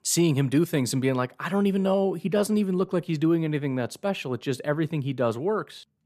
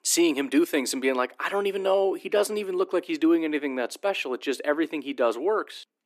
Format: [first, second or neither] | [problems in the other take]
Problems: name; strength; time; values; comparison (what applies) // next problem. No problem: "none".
first | thin; somewhat; fading below 300 Hz